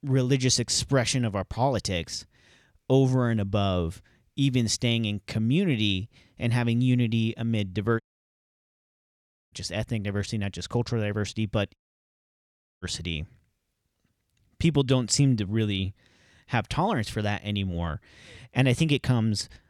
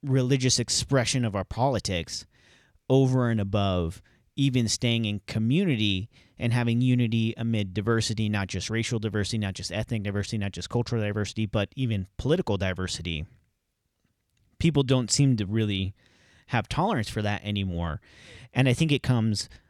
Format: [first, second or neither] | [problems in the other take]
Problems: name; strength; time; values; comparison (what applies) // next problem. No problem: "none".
second | audio cutting out; at 8 s for 1.5 s and at 12 s for 1 s